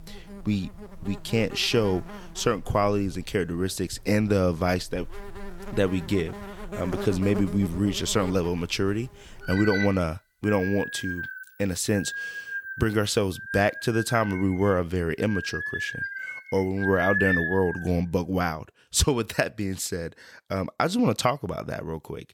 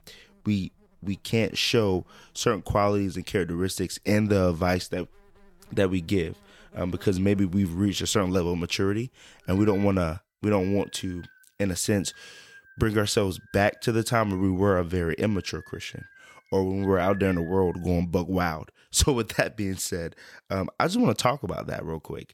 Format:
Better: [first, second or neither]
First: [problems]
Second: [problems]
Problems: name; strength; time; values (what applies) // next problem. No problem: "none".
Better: second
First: animal sounds; loud; until 17 s; 8 dB below the speech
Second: animal sounds; faint; until 17 s; 25 dB below the speech